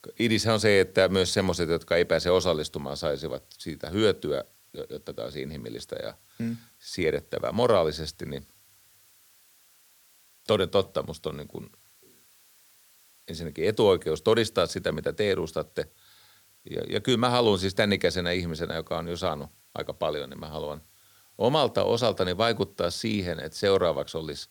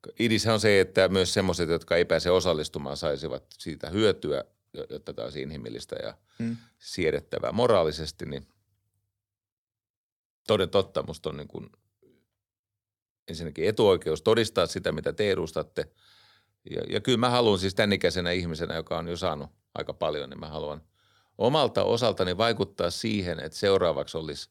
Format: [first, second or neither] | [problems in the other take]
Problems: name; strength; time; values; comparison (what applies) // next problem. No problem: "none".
second | hiss; faint; throughout; 30 dB below the speech